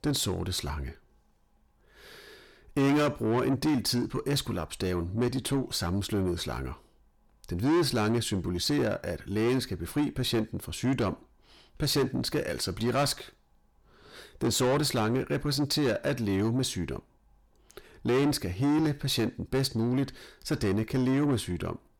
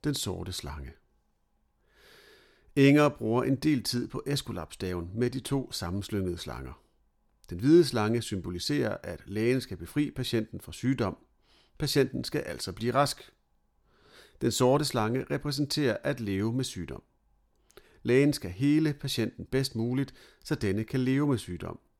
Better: second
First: distortion; heavy; 7 dB below the speech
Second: none

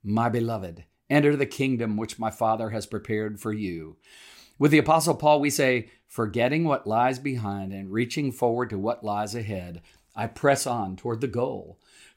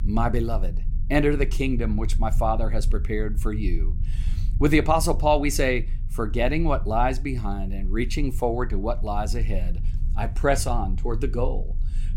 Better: first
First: none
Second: low rumble; faint; throughout; 20 dB below the speech

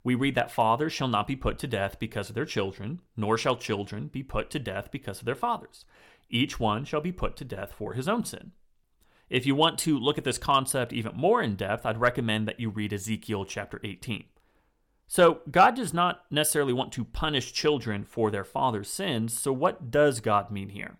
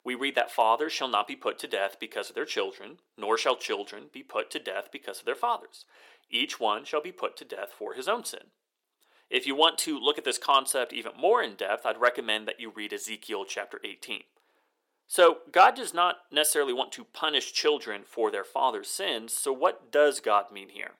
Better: first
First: none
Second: thin; somewhat; fading below 350 Hz

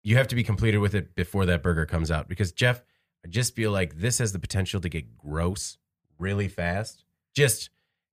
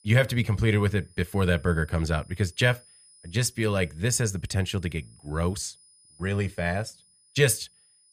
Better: first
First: none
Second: high-pitched whine; faint; throughout; 9.5 kHz, 30 dB below the speech

